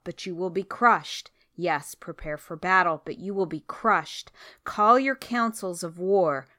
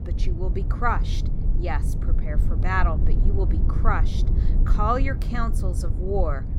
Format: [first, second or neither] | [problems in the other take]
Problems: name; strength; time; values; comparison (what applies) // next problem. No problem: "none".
first | low rumble; noticeable; throughout; 10 dB below the speech